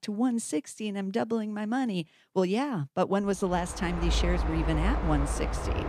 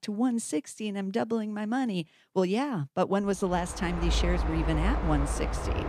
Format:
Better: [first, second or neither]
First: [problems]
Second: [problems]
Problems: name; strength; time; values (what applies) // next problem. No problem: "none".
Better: neither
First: train or aircraft noise; loud; from 3.5 s on; 2 dB below the speech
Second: train or aircraft noise; loud; from 3.5 s on; 2 dB below the speech